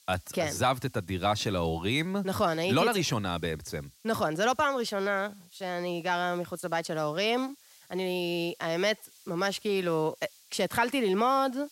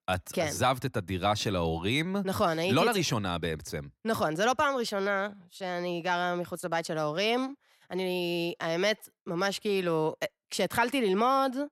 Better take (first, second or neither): second